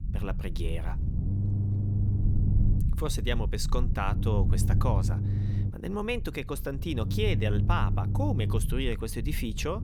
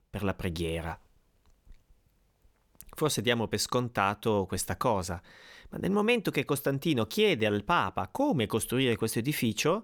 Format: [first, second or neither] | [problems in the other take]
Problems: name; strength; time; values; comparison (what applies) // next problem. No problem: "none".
second | low rumble; loud; throughout; 8 dB below the speech